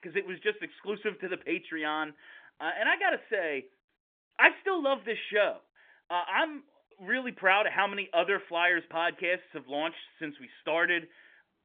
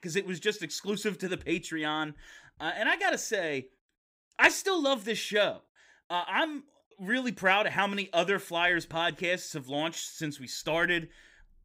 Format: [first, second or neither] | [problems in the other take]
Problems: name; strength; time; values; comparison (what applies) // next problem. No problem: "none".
second | phone-call audio; nothing above 3.5 kHz